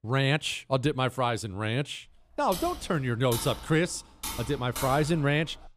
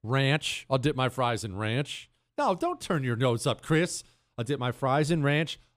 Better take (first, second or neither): second